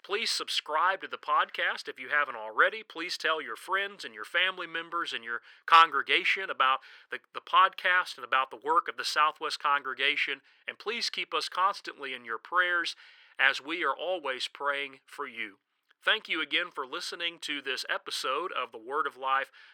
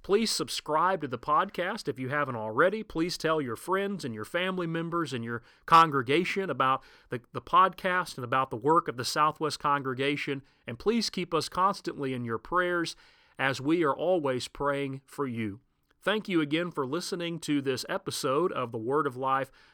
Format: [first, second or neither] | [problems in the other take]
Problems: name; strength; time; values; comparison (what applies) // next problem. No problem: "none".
second | thin; very; fading below 550 Hz